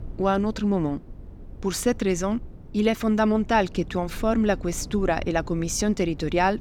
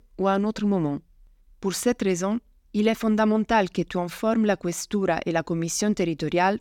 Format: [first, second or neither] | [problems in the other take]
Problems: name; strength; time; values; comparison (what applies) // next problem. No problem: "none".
second | low rumble; faint; throughout; 25 dB below the speech